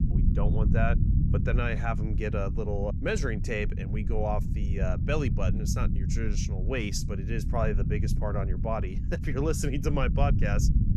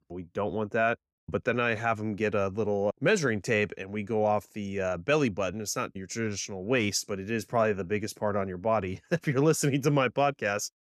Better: second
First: low rumble; loud; throughout; 8 dB below the speech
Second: none

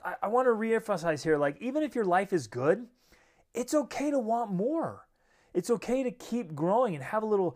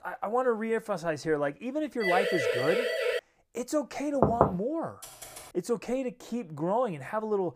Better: first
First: none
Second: siren; loud; from 2 to 3 s; peak 3 dB above the speech // door banging; loud; at 4 s; peak 6 dB above the speech // keyboard typing; faint; at 5 s; peak 15 dB below the speech

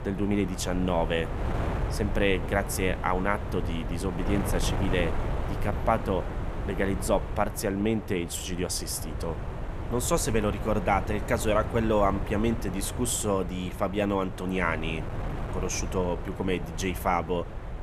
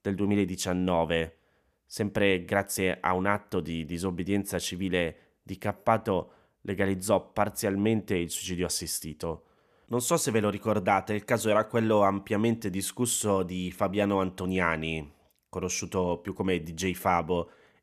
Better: second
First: wind noise on the microphone; heavy; 10 dB below the speech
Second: none

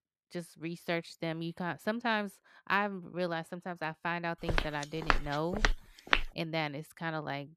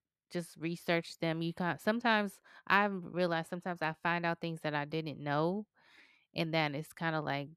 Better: second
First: footsteps; loud; from 4.5 to 6.5 s; peak 6 dB above the speech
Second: none

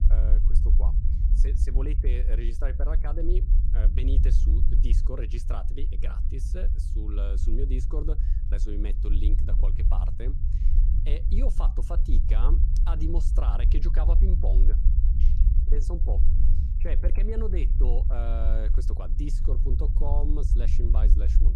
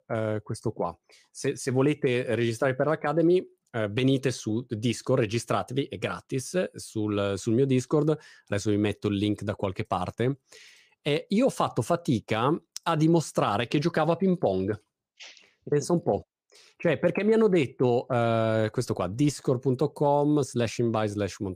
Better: second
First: low rumble; loud; throughout; 6 dB below the speech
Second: none

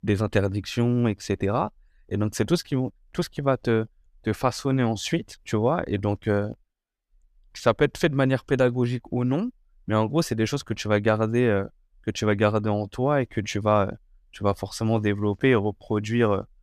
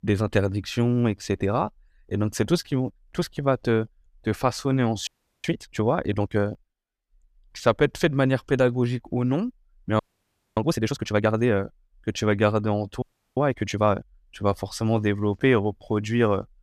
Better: first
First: none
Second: audio freezing; at 5 s, at 10 s for 0.5 s and at 13 s

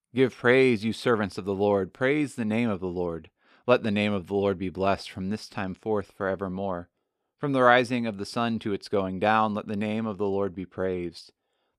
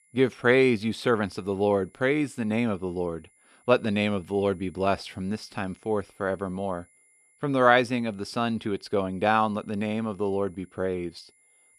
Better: first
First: none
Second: high-pitched whine; faint; throughout; 2 kHz, 35 dB below the speech

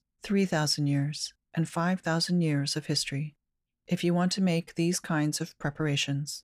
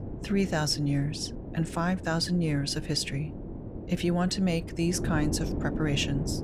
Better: first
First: none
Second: wind noise on the microphone; occasional gusts; 10 dB below the speech

